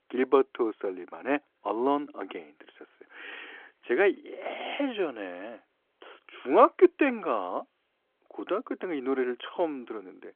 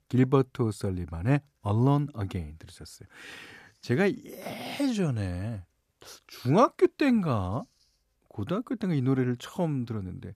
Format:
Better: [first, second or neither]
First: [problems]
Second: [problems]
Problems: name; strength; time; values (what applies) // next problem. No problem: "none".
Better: second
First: phone-call audio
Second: none